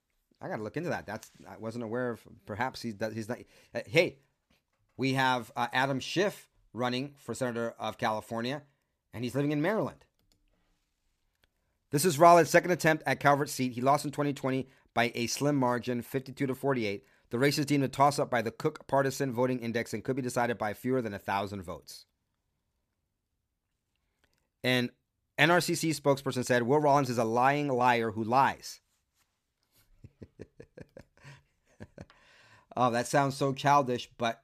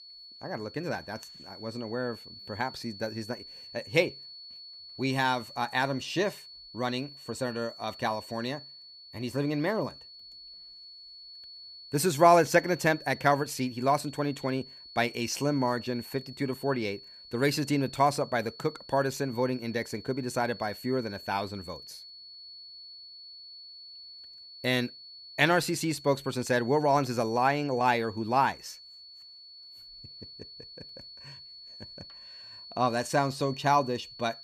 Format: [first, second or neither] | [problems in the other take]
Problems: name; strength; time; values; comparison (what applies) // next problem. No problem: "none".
first | high-pitched whine; noticeable; throughout; 4.5 kHz, 15 dB below the speech